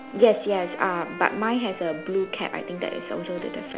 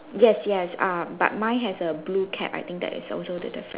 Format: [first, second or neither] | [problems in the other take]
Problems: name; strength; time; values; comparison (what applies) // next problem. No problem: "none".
second | background sound (Wind instrument, woodwind instrument); 14 dB below the speech